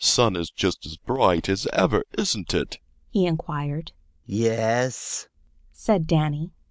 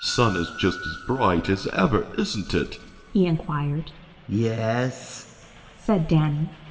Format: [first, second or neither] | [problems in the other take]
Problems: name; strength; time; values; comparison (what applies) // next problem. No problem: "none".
first | background sound (Train); 17 dB below the speech // room echo; dies away in 1.7 s